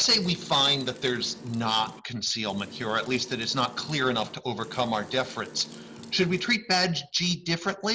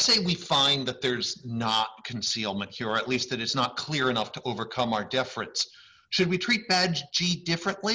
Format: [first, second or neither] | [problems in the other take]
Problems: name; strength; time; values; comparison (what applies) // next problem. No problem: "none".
second | background sound (Wind); 16 dB below the speech